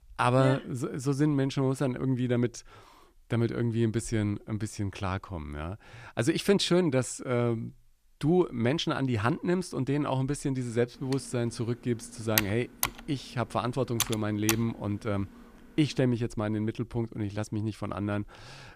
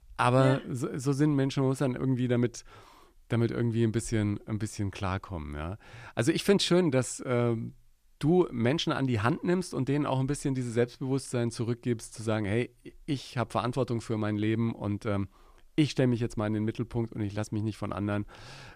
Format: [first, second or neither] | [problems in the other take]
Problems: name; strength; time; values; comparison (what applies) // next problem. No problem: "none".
second | keyboard typing; loud; from 11 to 15 s; peak 1 dB above the speech